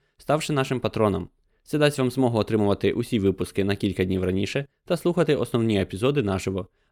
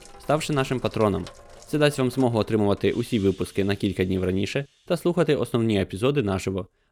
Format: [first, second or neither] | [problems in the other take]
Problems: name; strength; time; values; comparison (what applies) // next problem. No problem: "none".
first | household noises; faint; throughout; 25 dB below the speech